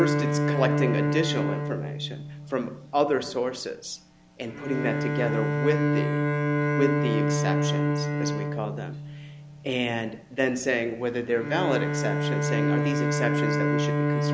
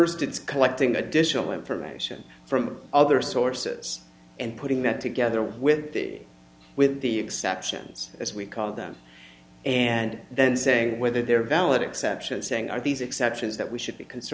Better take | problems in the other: second | background sound (Bowed string instrument); 3 dB above the speech

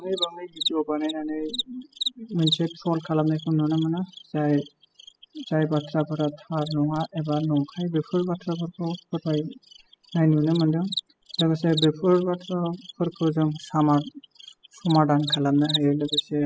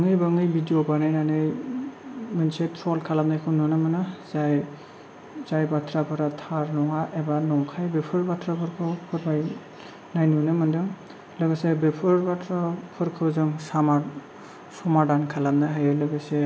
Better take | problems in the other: second | noise reduction (classical method spectral subtraction)

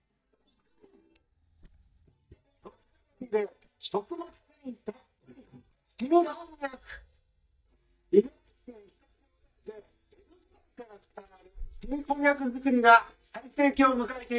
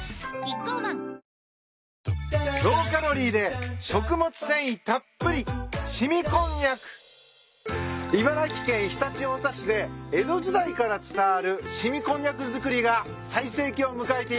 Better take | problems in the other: second | noise reduction (neural mask model DeepFilterNet 3)

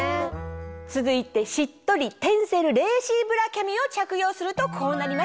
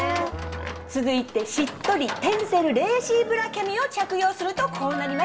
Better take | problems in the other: first | background sound (Livestock, farm animals, working animals); 13 dB below the speech // room echo; dies away in 0.4 s

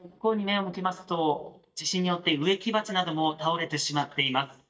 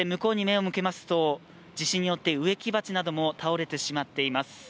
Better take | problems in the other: second | noise reduction (neural mask model DeepFilterNet 3)

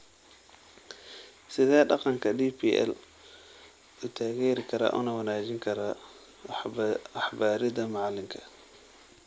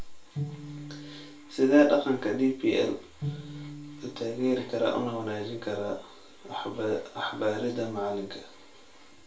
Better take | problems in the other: first | background sound (Bowed string instrument); 12 dB below the speech // room echo; dies away in 0.3 s

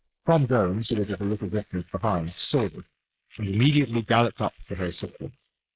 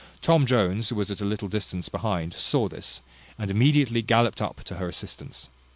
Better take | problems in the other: second | noise reduction (neural mask model Resemble Enhance denoiser)

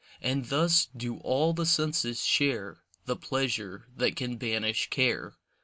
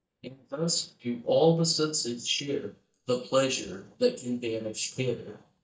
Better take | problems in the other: first | noise reduction (neural mask model DeepFilterNet 3)

